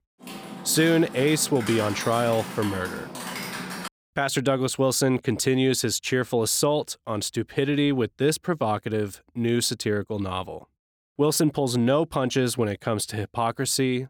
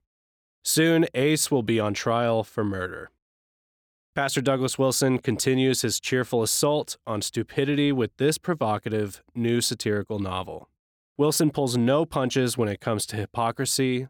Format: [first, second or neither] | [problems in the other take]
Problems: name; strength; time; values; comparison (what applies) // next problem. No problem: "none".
second | keyboard typing; noticeable; until 4 s; peak 7 dB below the speech